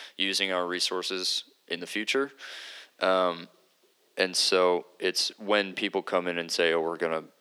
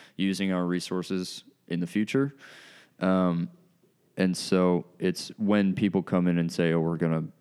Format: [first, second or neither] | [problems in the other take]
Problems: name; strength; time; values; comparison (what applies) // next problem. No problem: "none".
second | thin; very; fading below 450 Hz